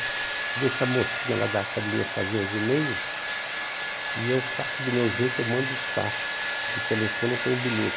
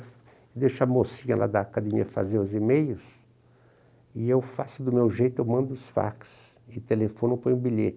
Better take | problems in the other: second | background sound (Domestic sounds, home sounds); 1 dB below the speech

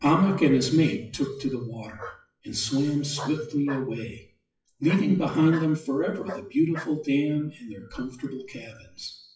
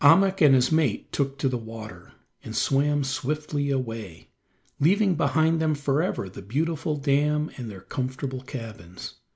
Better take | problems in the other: second | noise reduction (classical method WPE with log-MMSE)

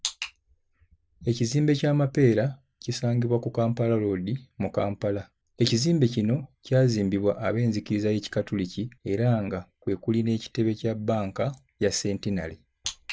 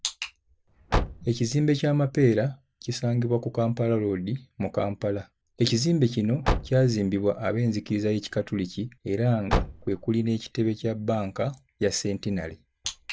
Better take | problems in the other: first | background sound (Car); 5 dB below the speech

